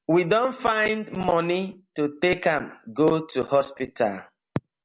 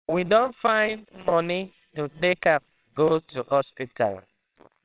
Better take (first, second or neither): first